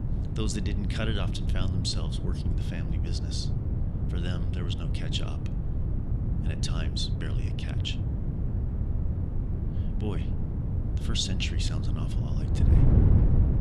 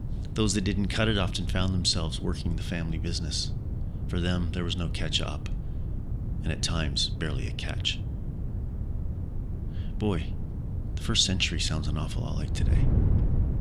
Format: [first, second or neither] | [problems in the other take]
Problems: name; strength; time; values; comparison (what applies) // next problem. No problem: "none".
second | wind noise on the microphone; heavy; 4 dB below the speech; occasional gusts in the second